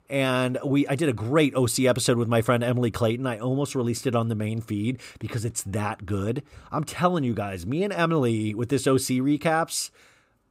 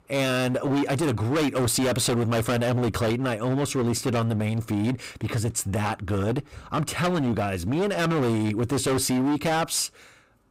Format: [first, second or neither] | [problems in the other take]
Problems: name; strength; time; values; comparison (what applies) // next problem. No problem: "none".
first | distortion; heavy; 26% of the sound clipped